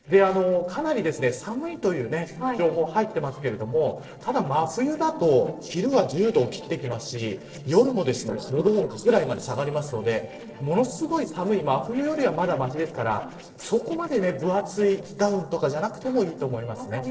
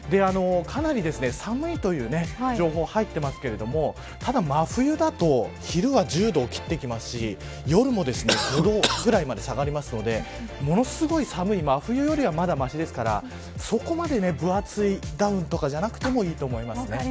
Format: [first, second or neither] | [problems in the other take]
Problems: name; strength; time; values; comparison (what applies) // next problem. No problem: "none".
second | noise reduction (neural separator model SepFormer DNS4)